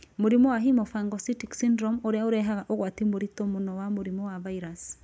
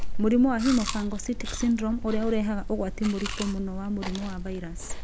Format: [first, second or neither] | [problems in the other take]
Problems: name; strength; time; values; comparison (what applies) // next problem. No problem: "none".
first | background sound (Chewing, mastication); 4 dB below the speech